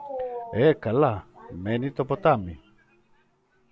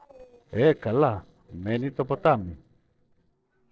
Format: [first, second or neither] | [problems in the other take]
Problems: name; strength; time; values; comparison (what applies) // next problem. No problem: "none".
first | noise reduction (neural separator model SepFormer DNS4)